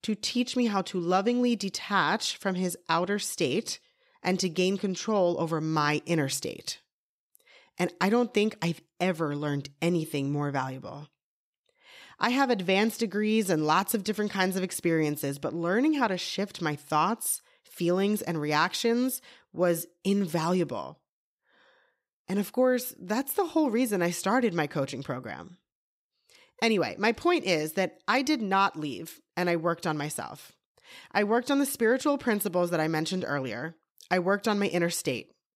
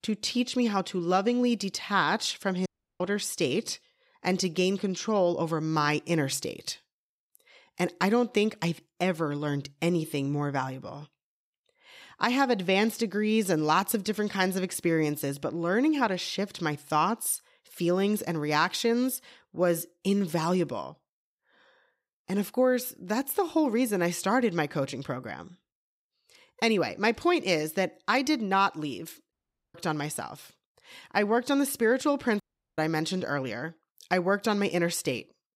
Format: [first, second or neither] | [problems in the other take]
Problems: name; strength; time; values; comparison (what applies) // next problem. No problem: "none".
first | audio cutting out; at 2.5 s, at 29 s and at 32 s